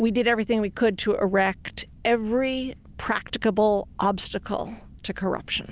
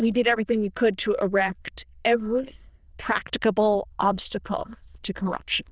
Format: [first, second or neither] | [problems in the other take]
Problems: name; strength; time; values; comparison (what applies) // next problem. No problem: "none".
first | noise reduction (neural diffusion model UNIVERSE++)